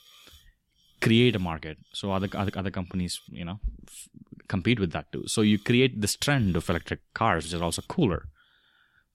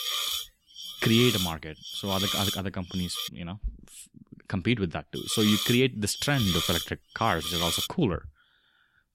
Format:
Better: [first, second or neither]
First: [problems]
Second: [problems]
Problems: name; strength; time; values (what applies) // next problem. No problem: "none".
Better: first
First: hiss; faint; until 3.5 s and from 5 to 8 s; 30 dB below the speech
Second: hiss; loud; until 3.5 s and from 5 to 8 s; 2 dB below the speech